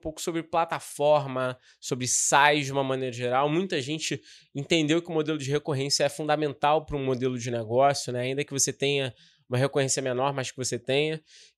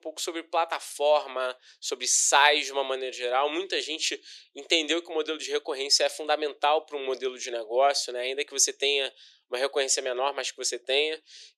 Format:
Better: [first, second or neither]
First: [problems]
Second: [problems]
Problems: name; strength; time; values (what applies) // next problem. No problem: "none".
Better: first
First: none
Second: thin; very; fading below 350 Hz